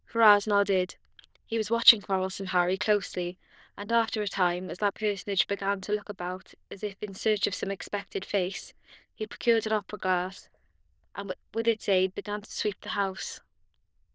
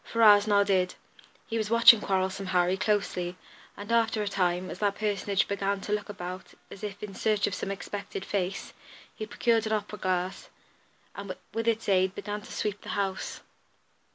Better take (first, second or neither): second